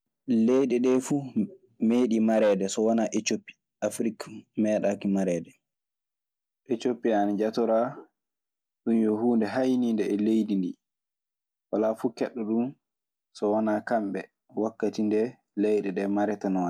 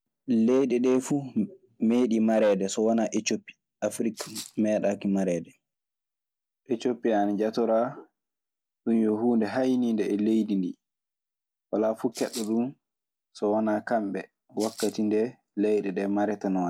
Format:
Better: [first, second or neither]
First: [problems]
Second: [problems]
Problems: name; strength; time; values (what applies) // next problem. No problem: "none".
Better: first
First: none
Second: background sound (Rattle (instrument)); 15 dB below the speech